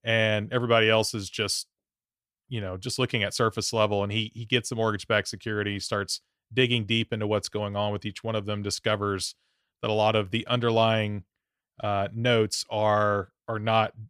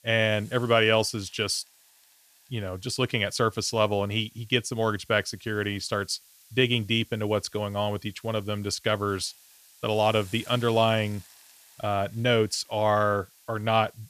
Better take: first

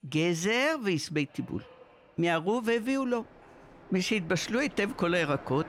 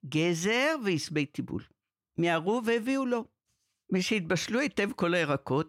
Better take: second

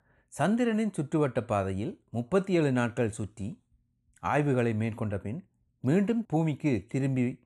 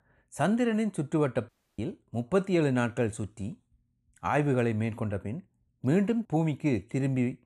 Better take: first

